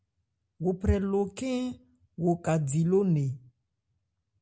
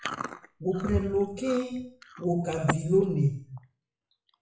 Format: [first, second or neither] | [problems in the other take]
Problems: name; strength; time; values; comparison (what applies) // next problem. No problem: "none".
first | noise reduction (classical method WPE with log-MMSE)